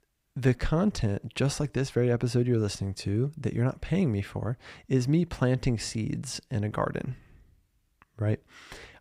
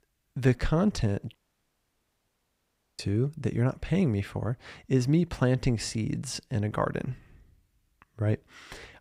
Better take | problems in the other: first | audio cutting out; at 1.5 s for 1.5 s

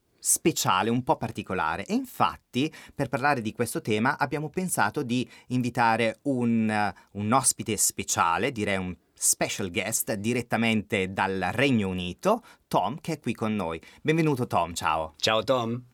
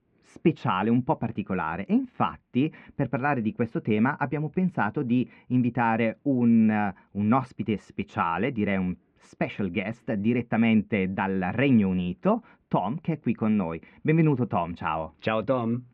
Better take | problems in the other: first | muffled; very; fading above 2.5 kHz

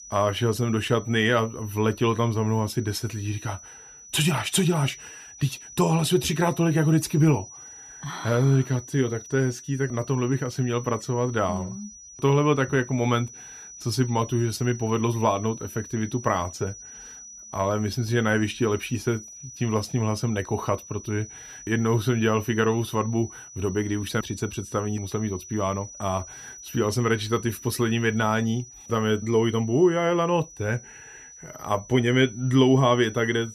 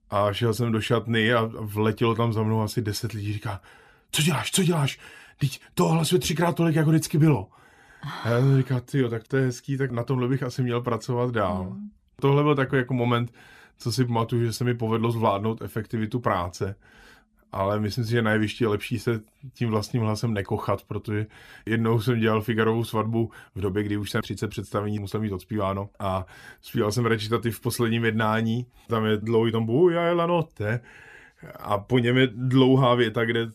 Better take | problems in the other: second | high-pitched whine; noticeable; throughout; 6 kHz, 15 dB below the speech

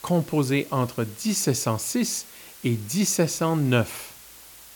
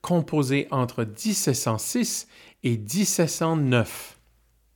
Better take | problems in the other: second | hiss; noticeable; throughout; 20 dB below the speech

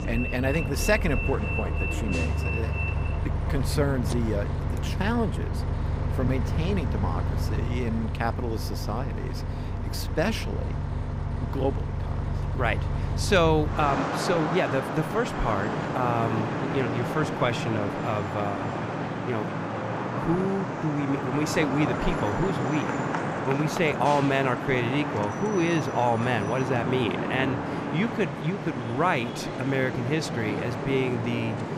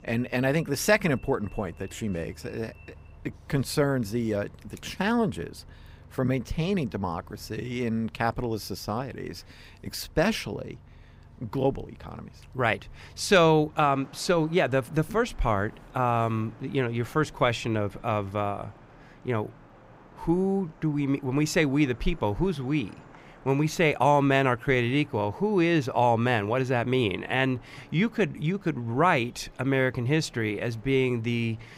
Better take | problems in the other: second | traffic noise; loud; throughout; 2 dB below the speech; faint in the second

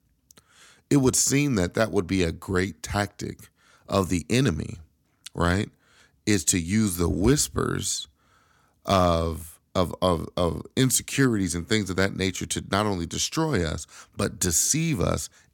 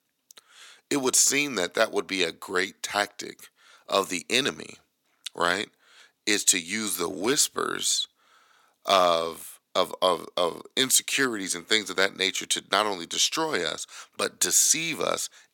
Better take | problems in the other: first | thin; somewhat; fading below 450 Hz

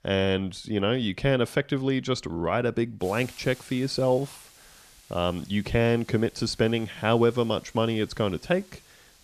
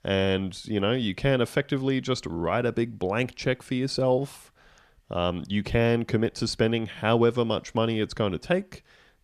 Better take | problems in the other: second | hiss; faint; from 3 s on; 25 dB below the speech

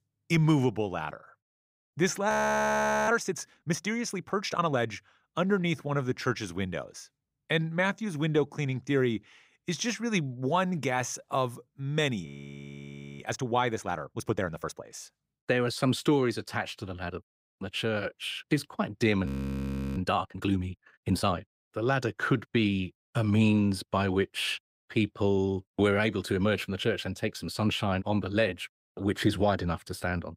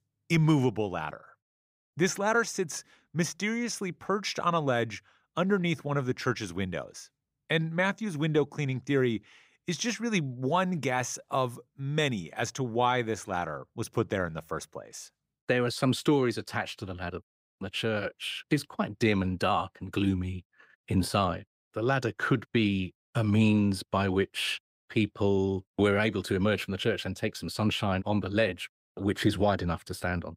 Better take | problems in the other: second | audio freezing; at 2.5 s for 1 s, at 12 s for 1 s and at 19 s for 0.5 s

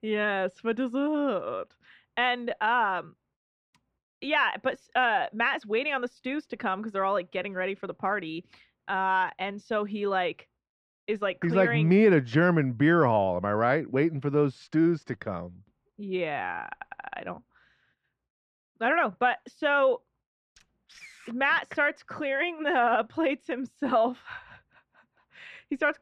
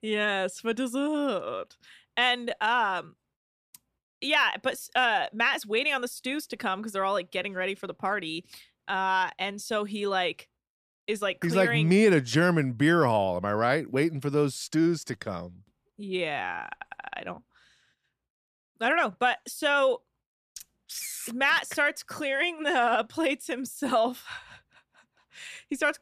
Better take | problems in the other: second | muffled; very; fading above 2 kHz

